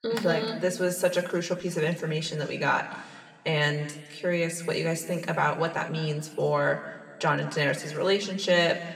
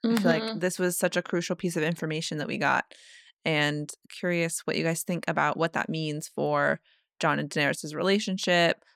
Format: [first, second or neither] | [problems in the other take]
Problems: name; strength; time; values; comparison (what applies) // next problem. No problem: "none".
second | room echo; slight; dies away in 1.6 s